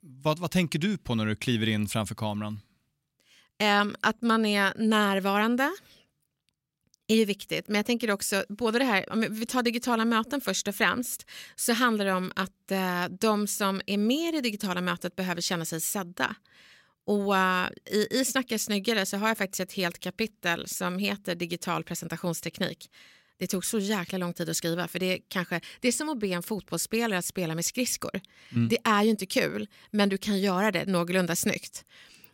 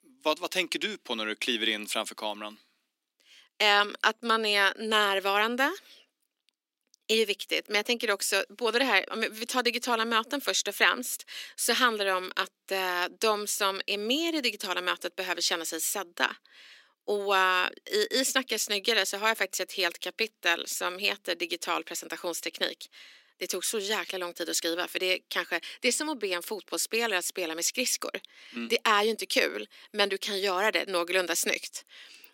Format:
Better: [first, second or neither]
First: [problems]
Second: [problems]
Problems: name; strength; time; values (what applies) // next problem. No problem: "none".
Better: first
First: none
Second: thin; somewhat; fading below 300 Hz